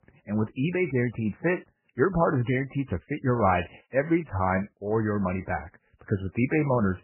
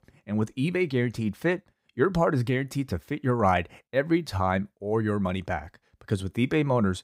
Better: second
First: garbled, watery; badly; nothing above 2.5 kHz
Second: none

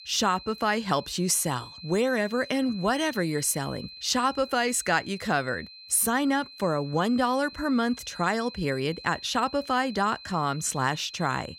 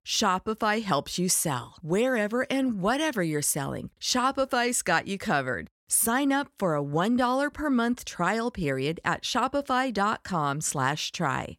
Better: second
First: high-pitched whine; noticeable; throughout; 4 kHz, 15 dB below the speech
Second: none

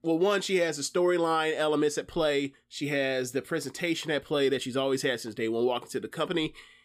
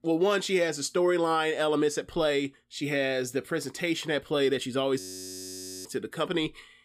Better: first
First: none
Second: audio freezing; at 5 s for 1 s

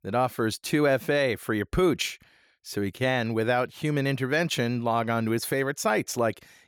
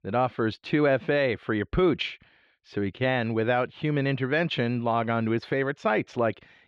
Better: first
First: none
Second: muffled; slightly; fading above 3.5 kHz

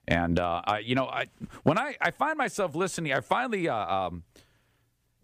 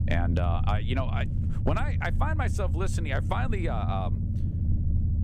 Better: first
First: none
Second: low rumble; loud; throughout; 10 dB below the speech

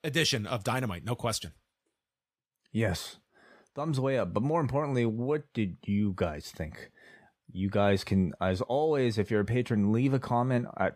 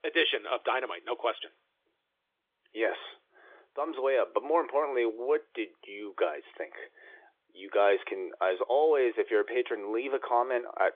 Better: first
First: none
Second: phone-call audio; nothing above 3.5 kHz

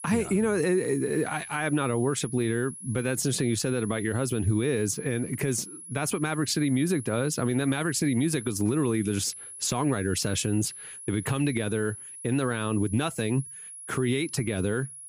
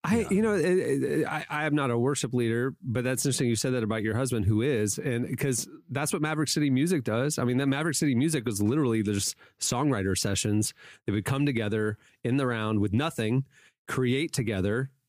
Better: second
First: high-pitched whine; noticeable; throughout; 10.5 kHz, 10 dB below the speech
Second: none

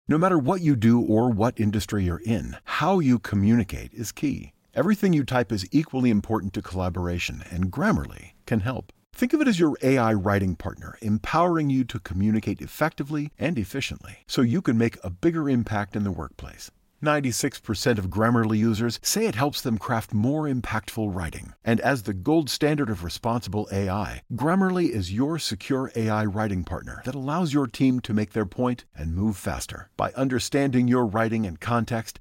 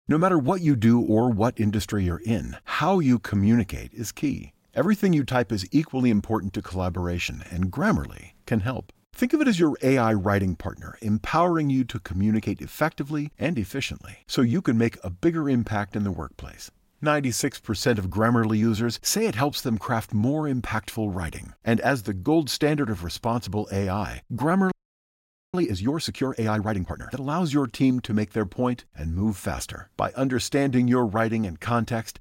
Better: first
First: none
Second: audio freezing; at 25 s for 1 s

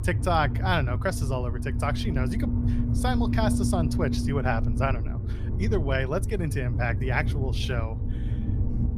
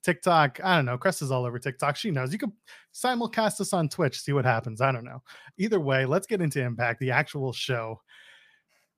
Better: second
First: low rumble; loud; throughout; 9 dB below the speech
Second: none

